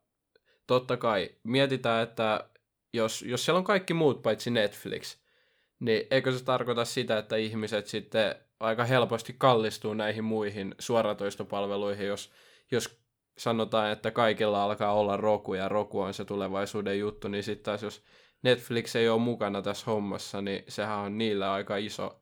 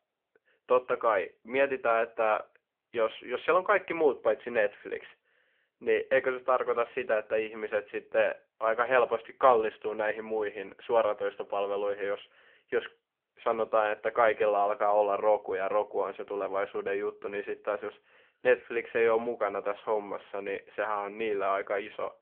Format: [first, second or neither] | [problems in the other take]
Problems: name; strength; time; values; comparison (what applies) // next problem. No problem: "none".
first | phone-call audio